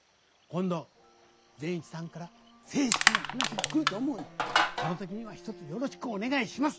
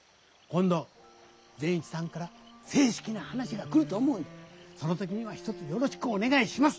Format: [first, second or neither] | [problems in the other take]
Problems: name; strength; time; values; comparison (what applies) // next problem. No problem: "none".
second | background sound (Crushing); 4 dB above the speech